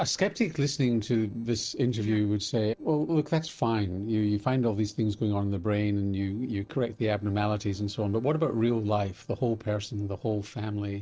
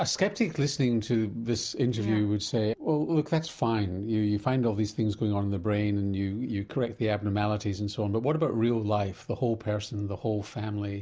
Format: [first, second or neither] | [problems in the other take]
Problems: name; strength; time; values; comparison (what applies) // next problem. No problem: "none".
second | noise reduction (neural separator model SepFormer DNS4)